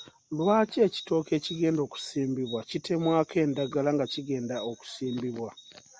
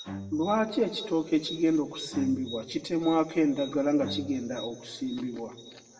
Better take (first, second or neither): first